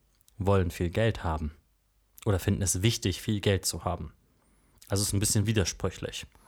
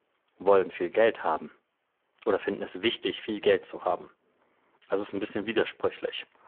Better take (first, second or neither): first